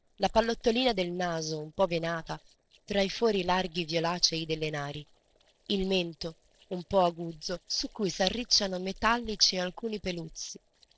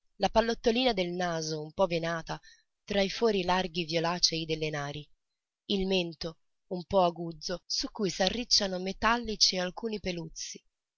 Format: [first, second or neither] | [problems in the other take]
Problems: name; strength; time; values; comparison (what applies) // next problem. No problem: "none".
second | noise reduction (neural separator model SepFormer DNS4)